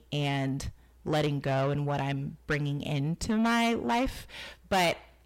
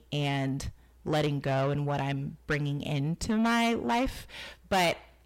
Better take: neither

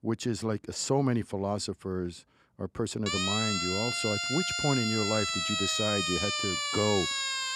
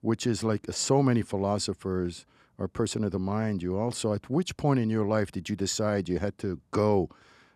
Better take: second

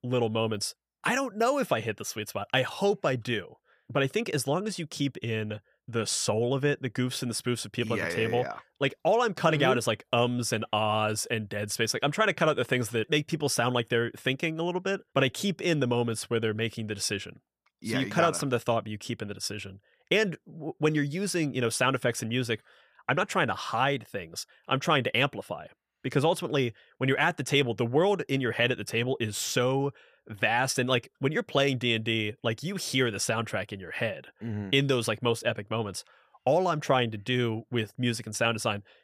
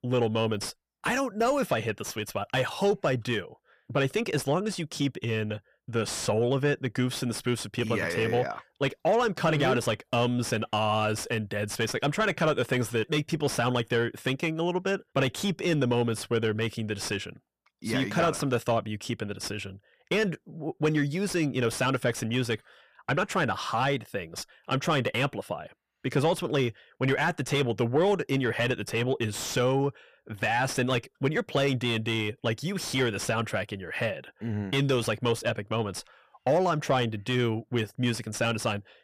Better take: first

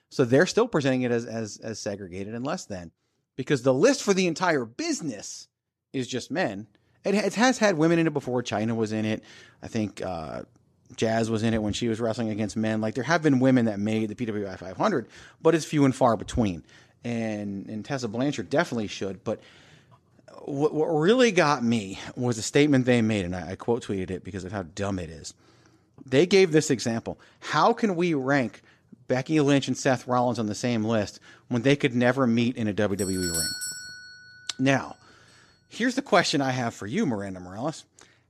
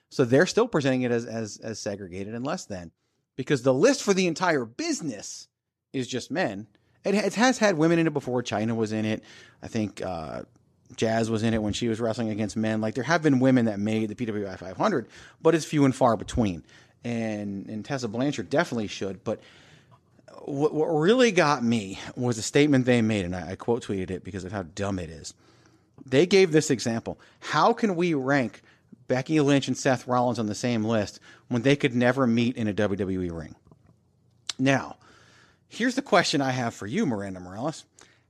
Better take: second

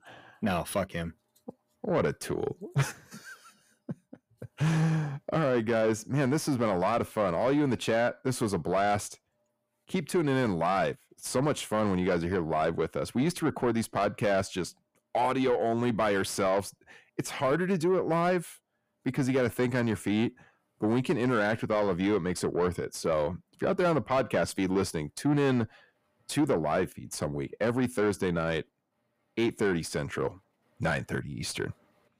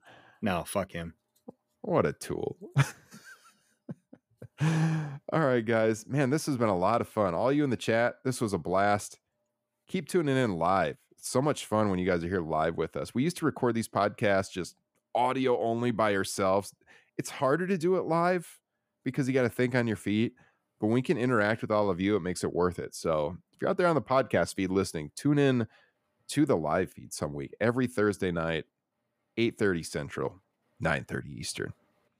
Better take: second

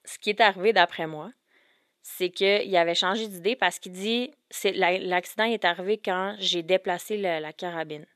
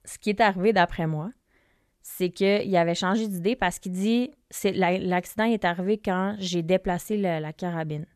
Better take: second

